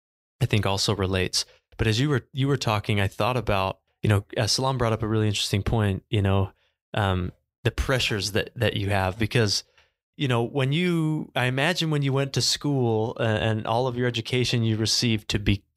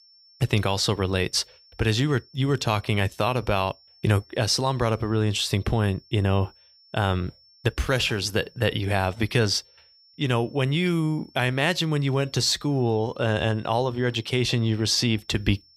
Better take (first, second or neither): first